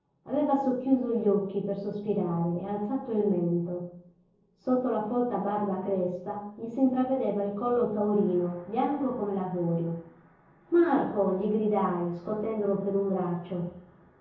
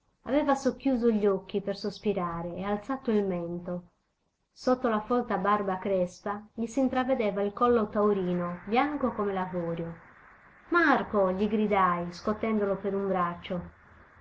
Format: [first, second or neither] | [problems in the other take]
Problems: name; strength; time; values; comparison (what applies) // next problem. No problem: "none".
second | room echo; dies away in 0.7 s